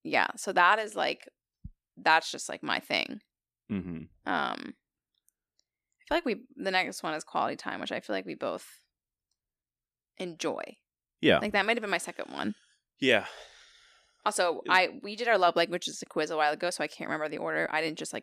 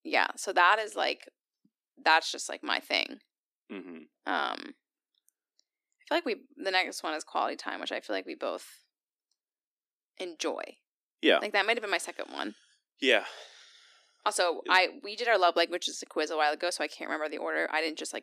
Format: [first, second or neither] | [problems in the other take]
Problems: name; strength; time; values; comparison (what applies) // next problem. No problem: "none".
first | thin; very slightly; fading below 250 Hz